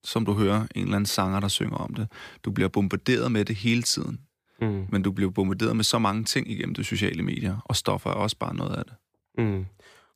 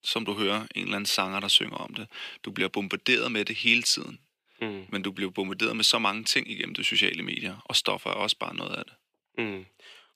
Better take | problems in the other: first | thin; somewhat; fading below 300 Hz

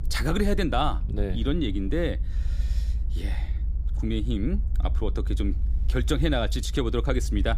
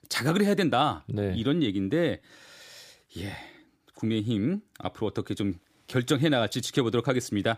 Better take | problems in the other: second | low rumble; noticeable; throughout; 20 dB below the speech

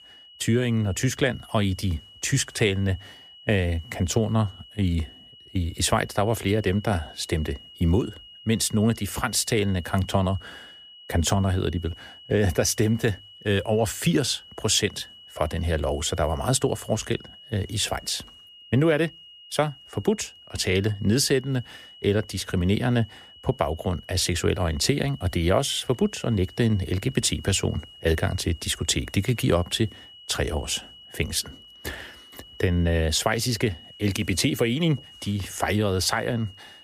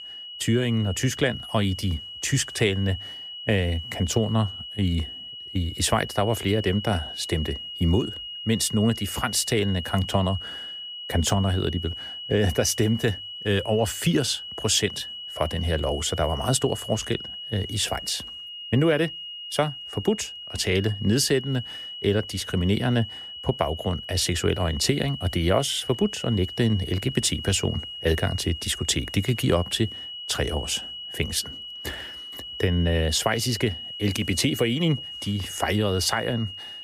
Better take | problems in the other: first | high-pitched whine; loud; throughout; 3 kHz, 9 dB below the speech; faint in the first

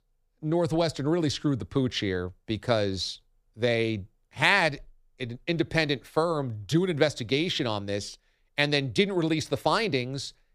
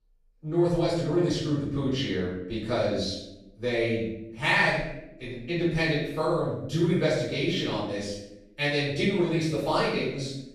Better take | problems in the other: first | off-mic speech; far // room echo; noticeable; dies away in 0.7 s

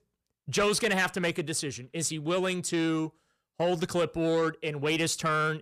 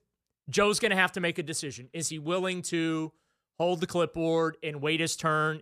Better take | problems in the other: second | distortion; slight; 10 dB below the speech

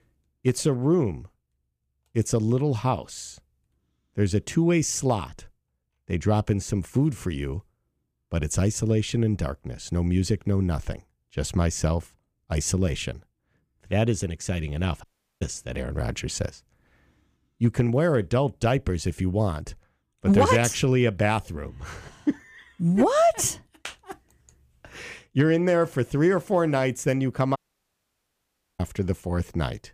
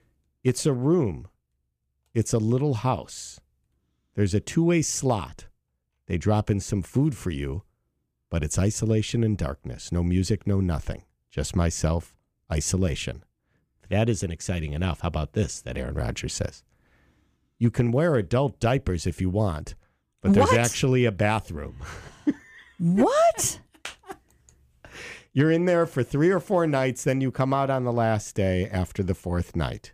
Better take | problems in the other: second | audio cutting out; at 15 s and at 28 s for 1 s

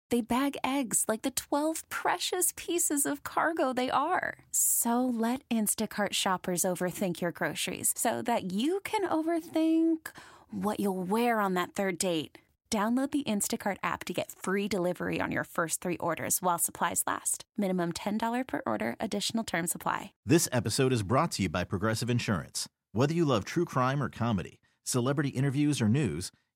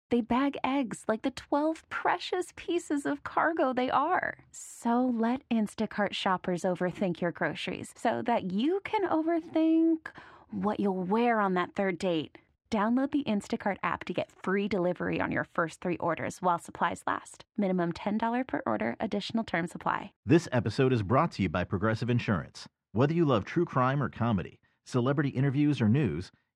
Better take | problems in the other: first | muffled; slightly; fading above 3 kHz

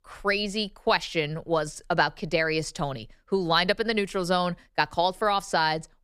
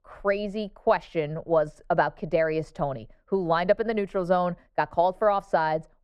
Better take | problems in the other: first | muffled; very; fading above 2.5 kHz

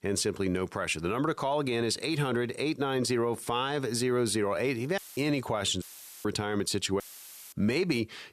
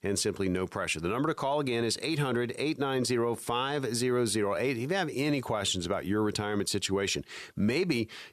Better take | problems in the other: second | audio cutting out; filled with static; at 5 s, at 6 s and at 7 s for 0.5 s

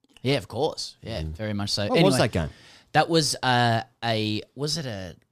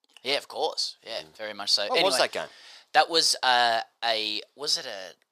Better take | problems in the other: first | thin; very; fading below 700 Hz

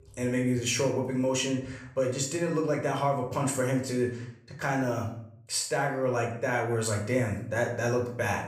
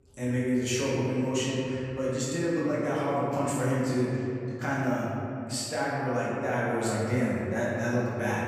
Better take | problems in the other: first | room echo; strong; dies away in 2.6 s; slight in the first // off-mic speech; far; somewhat distant in the first

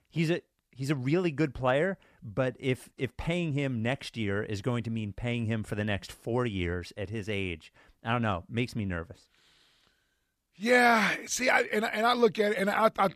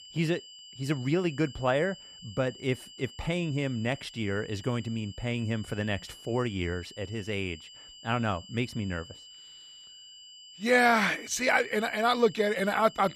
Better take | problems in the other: first | high-pitched whine; noticeable; throughout; 3 kHz, 20 dB below the speech

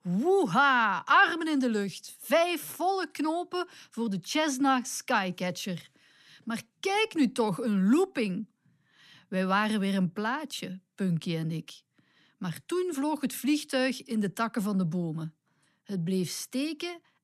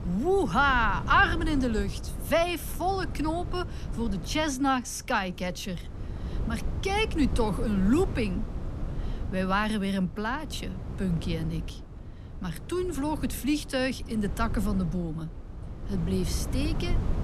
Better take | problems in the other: first | wind noise on the microphone; occasional gusts; 15 dB below the speech

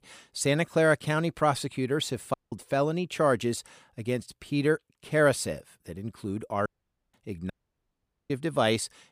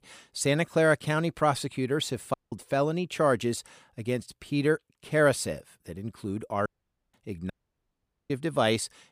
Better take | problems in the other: neither | audio cutting out; at 2.5 s, at 6.5 s and at 7.5 s for 1 s; the same in both

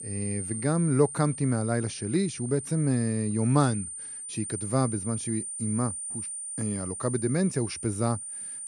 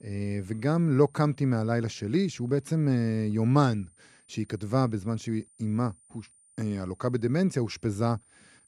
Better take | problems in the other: second | high-pitched whine; loud; throughout; 9 kHz, 6 dB below the speech; faint in the second

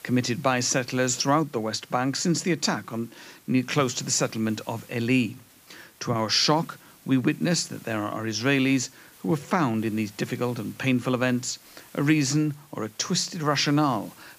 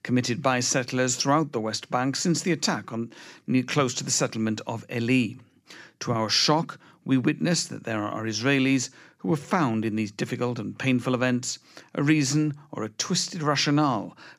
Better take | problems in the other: second | hiss; faint; throughout; 25 dB below the speech

